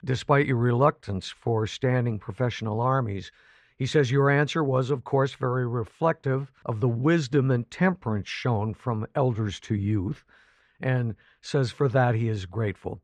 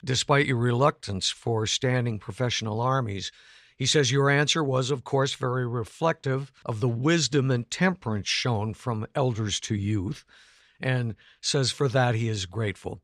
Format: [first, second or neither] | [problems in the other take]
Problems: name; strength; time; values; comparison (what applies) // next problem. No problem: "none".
second | muffled; slightly; fading above 2.5 kHz